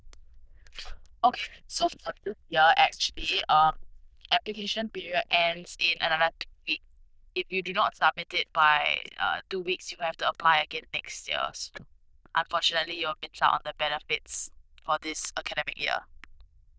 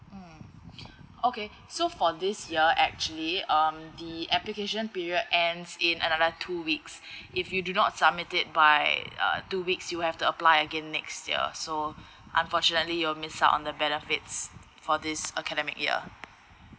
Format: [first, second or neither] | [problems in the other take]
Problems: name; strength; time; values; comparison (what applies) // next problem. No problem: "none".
second | noise reduction (neural diffusion model UNIVERSE++)